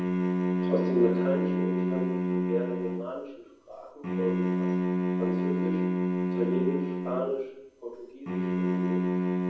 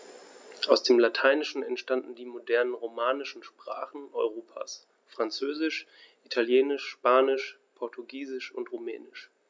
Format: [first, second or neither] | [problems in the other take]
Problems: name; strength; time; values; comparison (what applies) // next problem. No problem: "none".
second | background sound (Bowed string instrument); 5 dB above the speech // room echo; dies away in 0.9 s